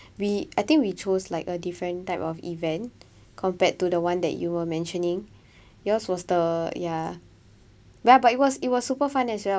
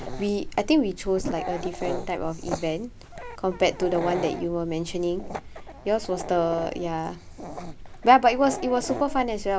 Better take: first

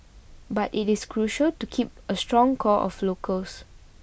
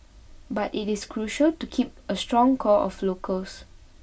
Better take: first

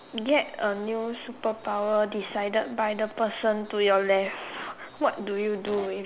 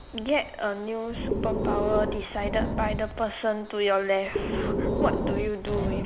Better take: first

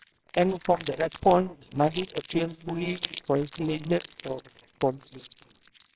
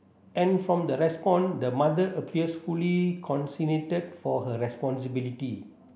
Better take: second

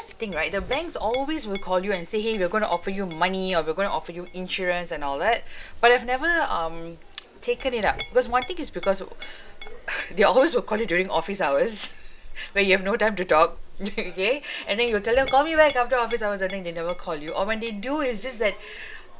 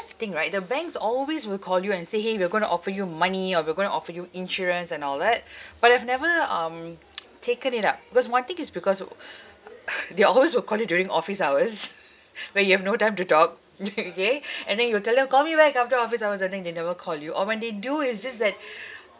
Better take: second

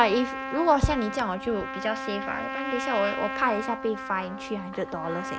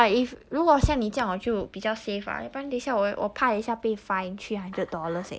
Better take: second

